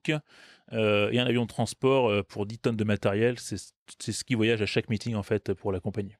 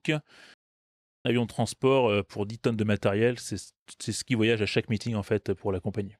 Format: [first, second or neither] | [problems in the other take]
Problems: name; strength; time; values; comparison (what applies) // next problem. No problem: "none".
first | audio cutting out; at 0.5 s for 0.5 s